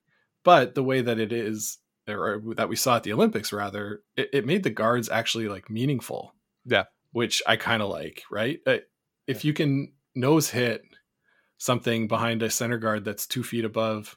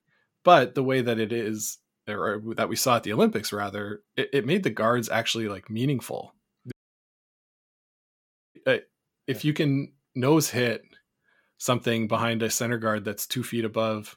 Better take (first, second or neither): first